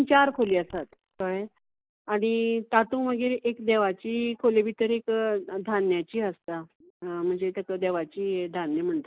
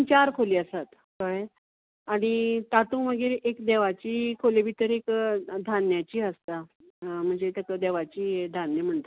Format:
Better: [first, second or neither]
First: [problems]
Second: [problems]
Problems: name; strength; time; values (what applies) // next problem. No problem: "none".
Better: second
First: noise reduction (neural mask model Resemble Enhance denoiser)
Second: none